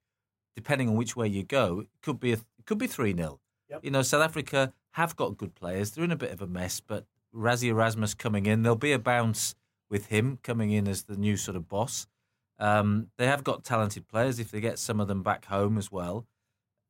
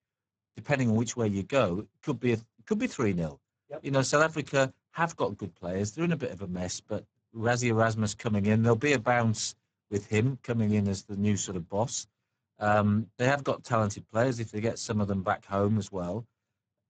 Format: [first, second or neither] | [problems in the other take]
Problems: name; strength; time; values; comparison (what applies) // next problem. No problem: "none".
first | garbled, watery; badly; nothing above 7.5 kHz